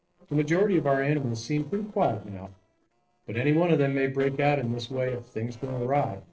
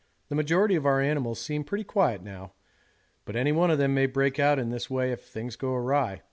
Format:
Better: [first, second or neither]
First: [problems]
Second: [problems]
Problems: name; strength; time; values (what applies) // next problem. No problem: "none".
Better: second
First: noise reduction (neural separator model SepFormer DNS4)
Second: none